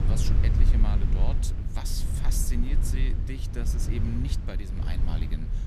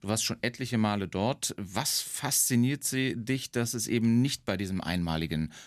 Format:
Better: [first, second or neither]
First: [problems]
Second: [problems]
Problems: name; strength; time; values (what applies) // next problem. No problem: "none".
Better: second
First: low rumble; loud; throughout; 3 dB below the speech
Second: none